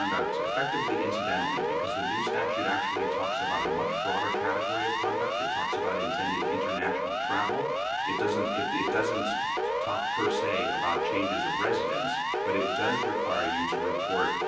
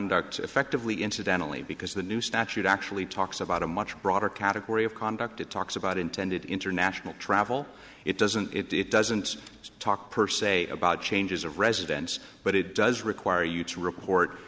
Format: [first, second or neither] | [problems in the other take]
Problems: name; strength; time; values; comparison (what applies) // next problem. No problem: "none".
second | background sound (Siren); 4 dB above the speech // room echo; dies away in 0.6 s